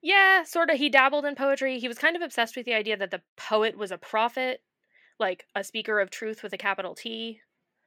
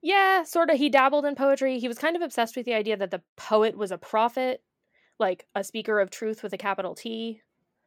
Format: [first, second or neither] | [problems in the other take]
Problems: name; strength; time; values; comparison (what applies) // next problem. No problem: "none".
second | thin; very slightly; fading below 350 Hz